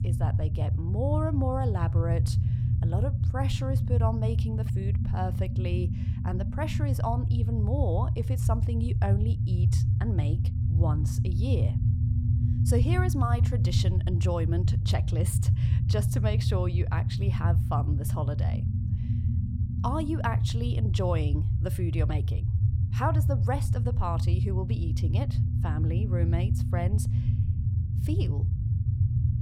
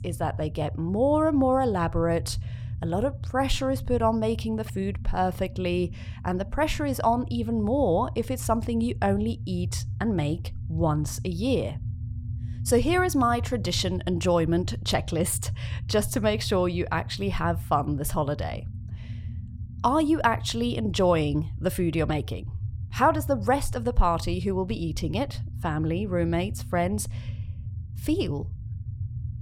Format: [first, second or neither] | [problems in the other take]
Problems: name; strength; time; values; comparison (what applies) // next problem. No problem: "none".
second | low rumble; loud; throughout; 5 dB below the speech; faint in the second